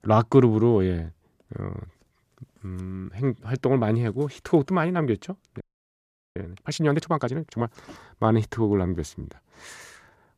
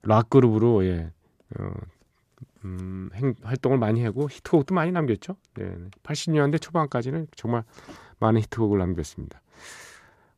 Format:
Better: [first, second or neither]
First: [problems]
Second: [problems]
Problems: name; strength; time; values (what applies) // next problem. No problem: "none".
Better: second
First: audio freezing; at 5.5 s for 1 s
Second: none